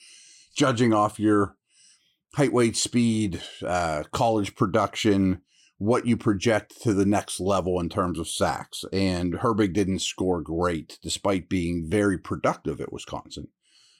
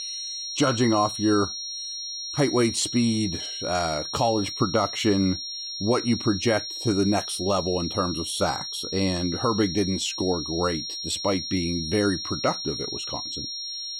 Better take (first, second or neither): first